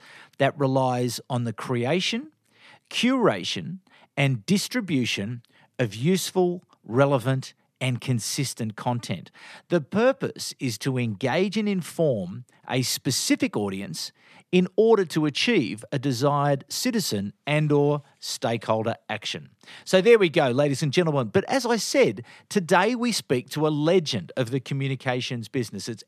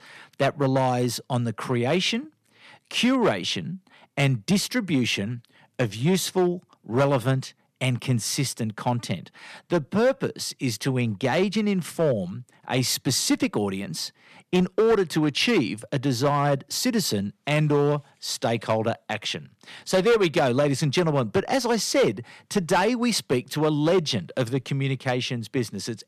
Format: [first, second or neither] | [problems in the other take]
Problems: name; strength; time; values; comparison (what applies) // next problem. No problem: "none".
first | distortion; slight; 4% of the sound clipped